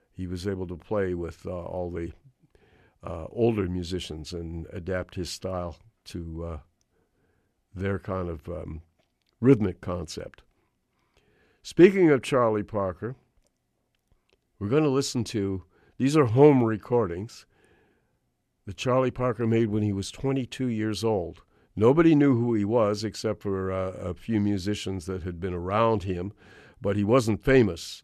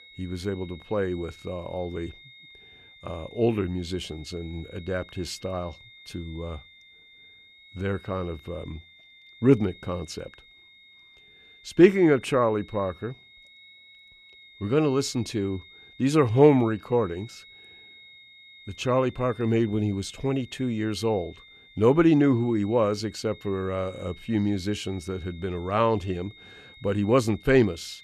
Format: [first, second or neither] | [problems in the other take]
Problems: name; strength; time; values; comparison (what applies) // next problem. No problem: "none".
first | high-pitched whine; faint; throughout; 2 kHz, 25 dB below the speech